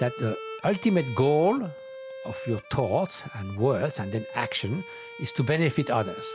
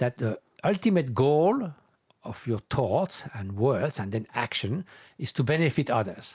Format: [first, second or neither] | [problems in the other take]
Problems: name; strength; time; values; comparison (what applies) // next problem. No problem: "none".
second | background sound (Bowed string instrument); 14 dB below the speech